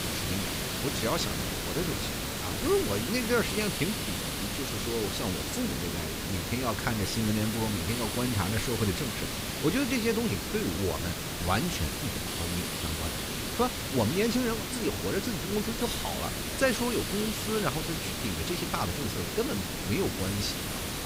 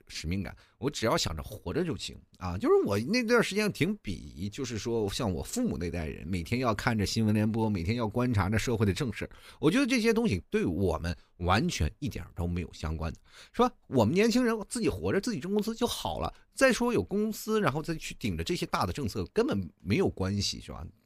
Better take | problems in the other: second | hiss; loud; throughout; as loud as the speech

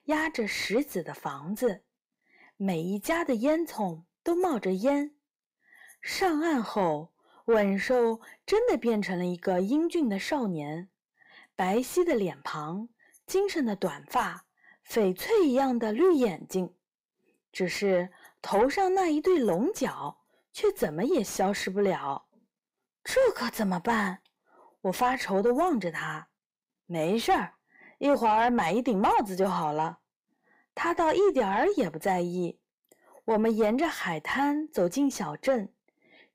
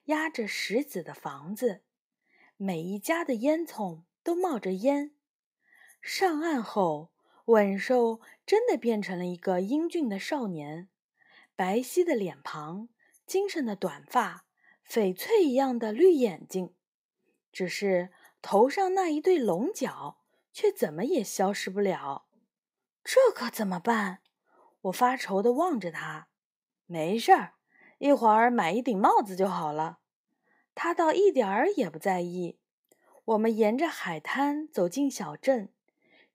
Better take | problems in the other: second | distortion; slight; 10 dB below the speech

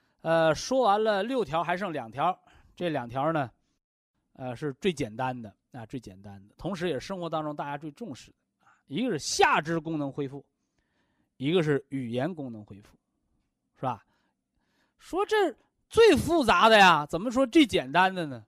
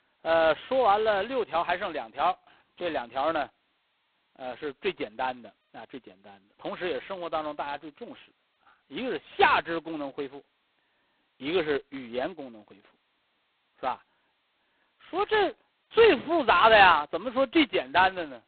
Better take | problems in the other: first | phone-call audio; poor line; nothing above 4 kHz

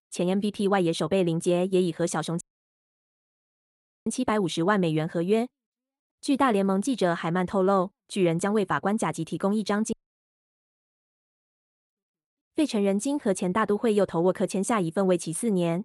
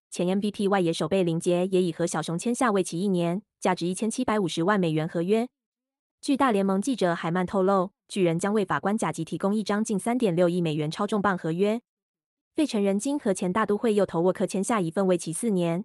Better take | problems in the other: second | audio cutting out; at 2.5 s for 1.5 s and at 10 s for 2 s

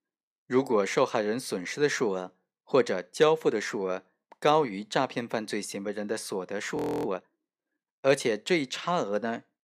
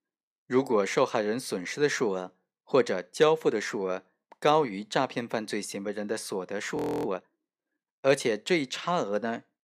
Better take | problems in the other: neither | audio freezing; at 7 s; the same in both

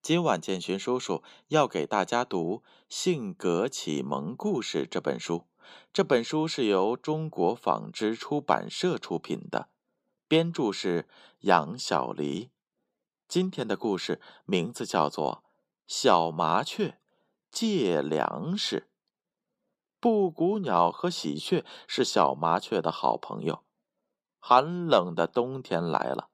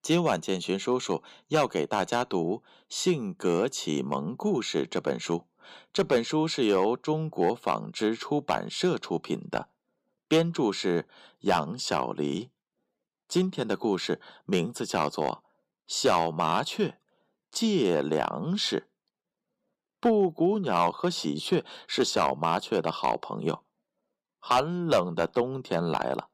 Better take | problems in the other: first | distortion; slight; 1.6% of the sound clipped

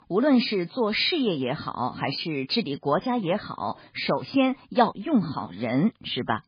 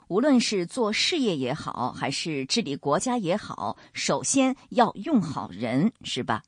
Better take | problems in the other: second | garbled, watery; badly; nothing above 4.5 kHz; slightly in the second

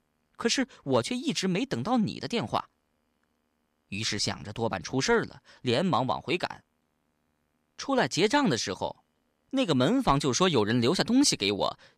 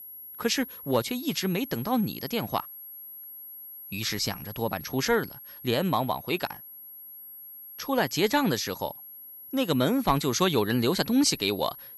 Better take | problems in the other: first | high-pitched whine; noticeable; throughout; 11.5 kHz, 15 dB below the speech

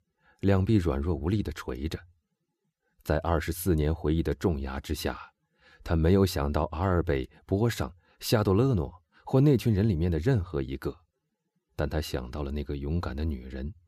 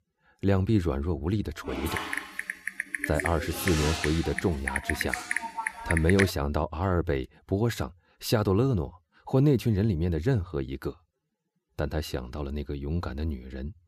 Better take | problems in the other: first | keyboard typing; loud; from 1.5 to 6.5 s; peak 1 dB above the speech

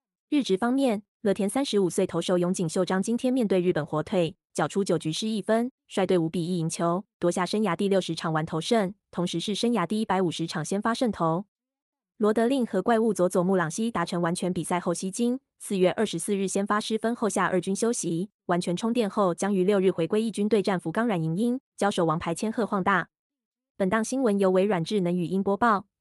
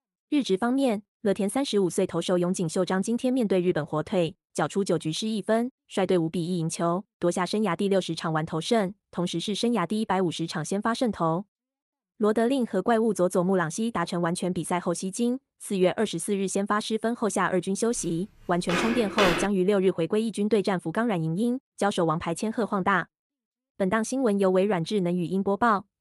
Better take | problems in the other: first | footsteps; loud; at 19 s; peak 1 dB above the speech

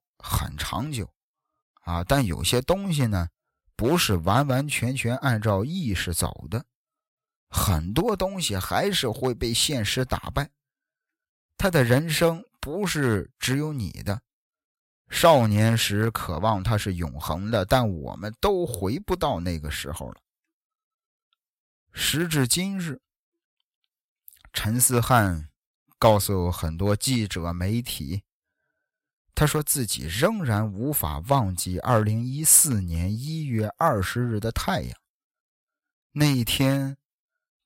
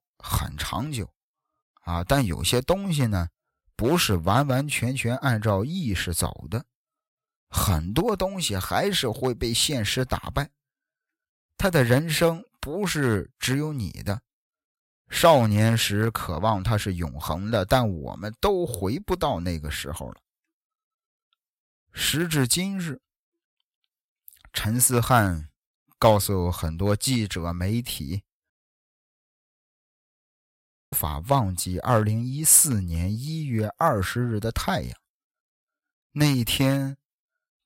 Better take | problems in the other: first | audio cutting out; at 29 s for 2.5 s

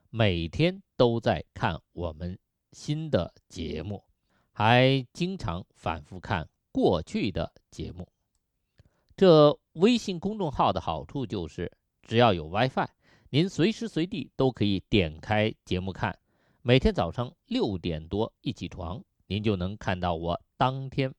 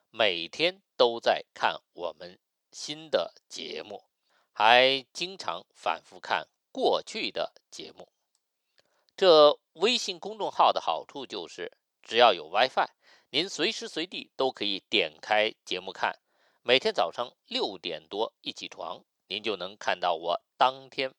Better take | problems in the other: first | thin; very; fading below 600 Hz

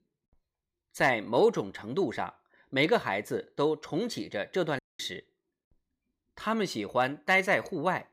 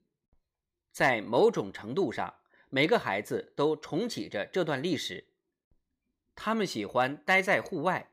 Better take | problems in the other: second | audio cutting out; at 5 s

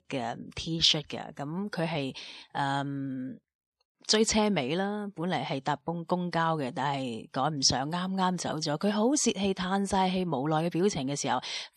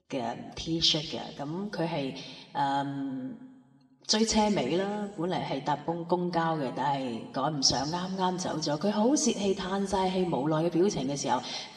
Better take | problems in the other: first | room echo; slight; dies away in 1.6 s // off-mic speech; somewhat distant

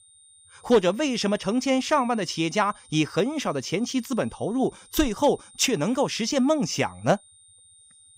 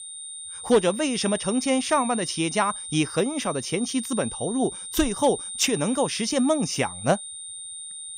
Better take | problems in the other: first | high-pitched whine; loud; throughout; 9 kHz, 8 dB below the speech; faint in the first

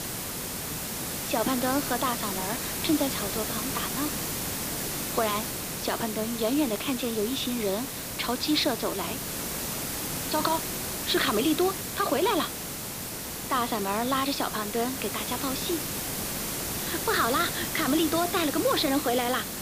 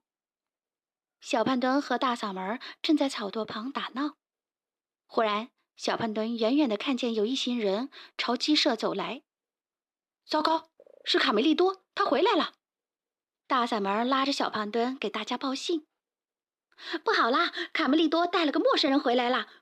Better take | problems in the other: second | hiss; loud; throughout; 3 dB below the speech

